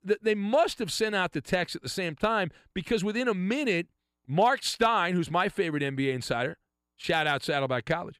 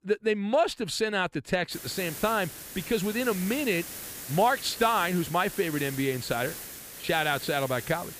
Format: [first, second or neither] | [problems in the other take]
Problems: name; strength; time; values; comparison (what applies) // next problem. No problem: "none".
first | hiss; noticeable; from 1.5 s on; 10 dB below the speech